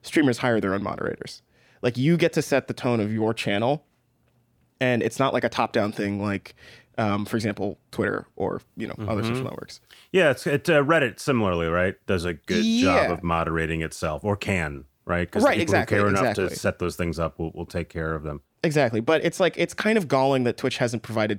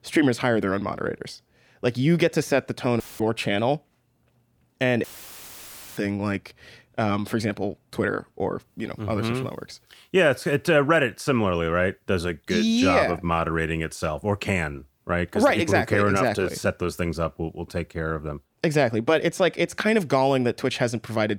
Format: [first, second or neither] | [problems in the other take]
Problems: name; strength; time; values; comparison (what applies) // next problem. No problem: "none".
first | audio cutting out; filled with static; at 3 s and at 5 s for 1 s